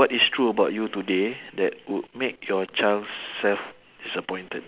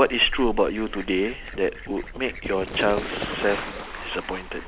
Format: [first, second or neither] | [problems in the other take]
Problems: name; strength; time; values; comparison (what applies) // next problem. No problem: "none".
first | background sound (Fowl); 8 dB below the speech